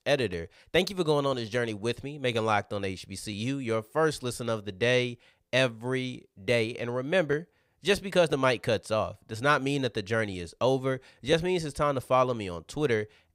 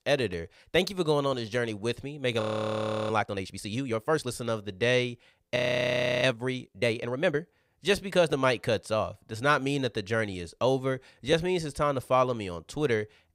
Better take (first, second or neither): first